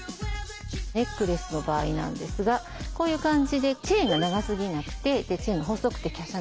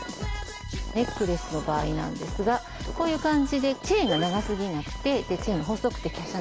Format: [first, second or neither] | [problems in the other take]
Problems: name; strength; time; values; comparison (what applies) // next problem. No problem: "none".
first | background sound (Bowed string instrument + Walk, footsteps); 14 dB below the speech